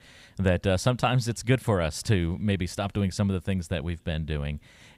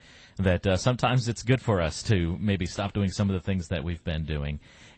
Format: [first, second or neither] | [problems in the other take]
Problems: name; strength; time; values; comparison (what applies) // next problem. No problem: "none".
first | garbled, watery; slightly; nothing above 8 kHz